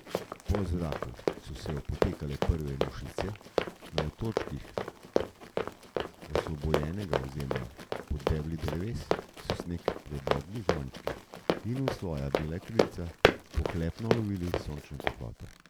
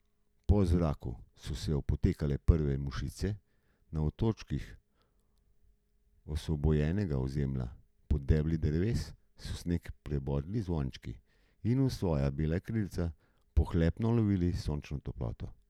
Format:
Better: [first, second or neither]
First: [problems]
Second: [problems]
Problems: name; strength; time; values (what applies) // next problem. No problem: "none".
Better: second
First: background sound (Run); 2 dB above the speech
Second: none